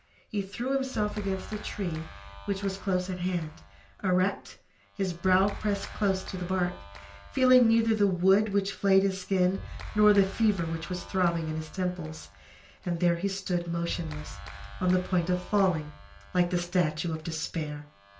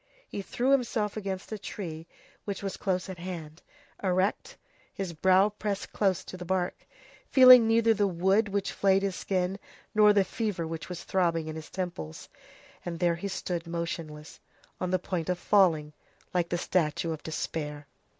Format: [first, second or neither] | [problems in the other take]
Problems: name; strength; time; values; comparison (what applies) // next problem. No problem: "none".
second | background sound (Clapping); 16 dB below the speech // room echo; dies away in 0.3 s